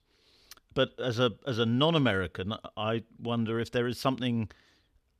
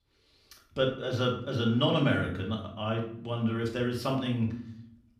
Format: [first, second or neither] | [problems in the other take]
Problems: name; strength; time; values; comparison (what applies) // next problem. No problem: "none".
first | room echo; slight; dies away in 0.5 s // off-mic speech; far